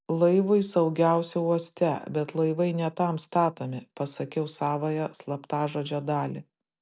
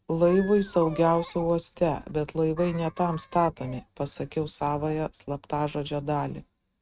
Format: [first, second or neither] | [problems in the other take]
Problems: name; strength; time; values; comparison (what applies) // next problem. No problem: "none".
first | noise reduction (neural mask model RNNoise)